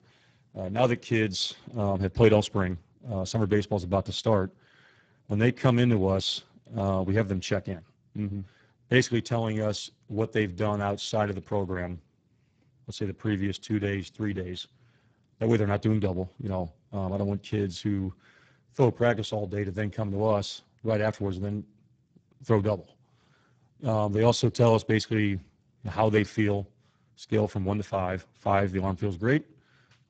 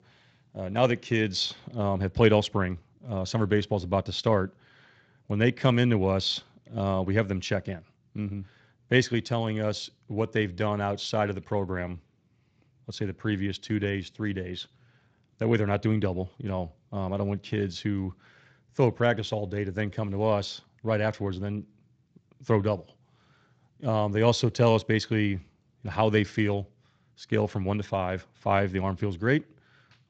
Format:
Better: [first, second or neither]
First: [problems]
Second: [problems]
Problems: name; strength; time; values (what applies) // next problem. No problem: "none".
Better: second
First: garbled, watery; badly; nothing above 7.5 kHz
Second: garbled, watery; slightly; nothing above 7.5 kHz